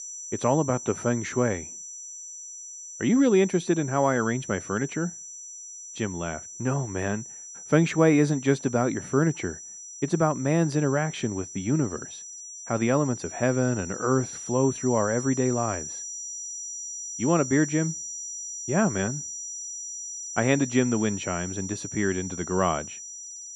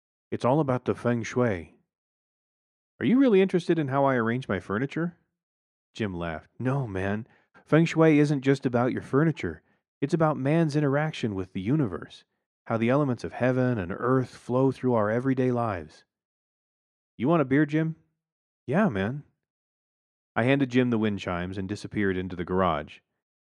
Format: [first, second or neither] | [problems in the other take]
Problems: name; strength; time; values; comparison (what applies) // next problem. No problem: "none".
second | high-pitched whine; loud; throughout; 6 kHz, 10 dB below the speech